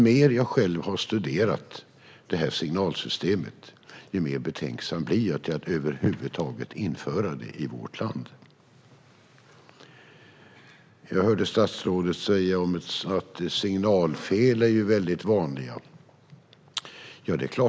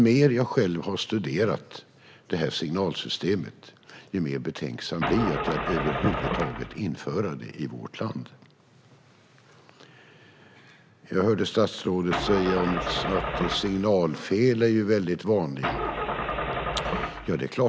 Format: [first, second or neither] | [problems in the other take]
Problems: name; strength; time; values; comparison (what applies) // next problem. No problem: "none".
first | background sound (Engine starting / Car); 2 dB below the speech